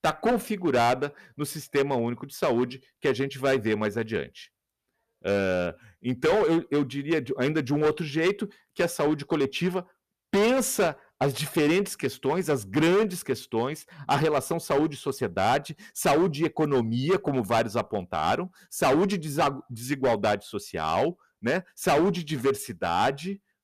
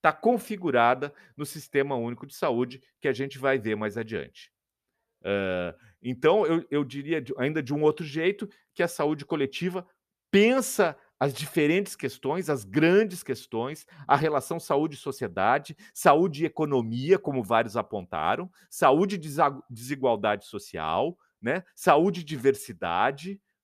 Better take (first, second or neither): second